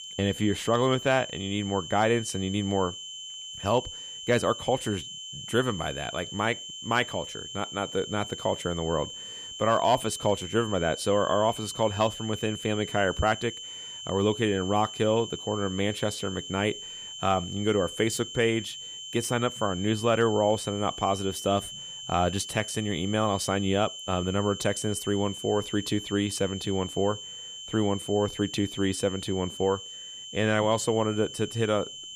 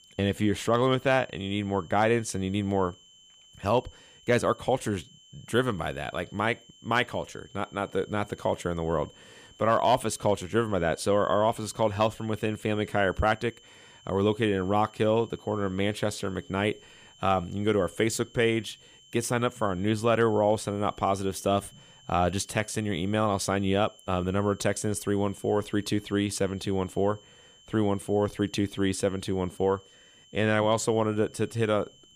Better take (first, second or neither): second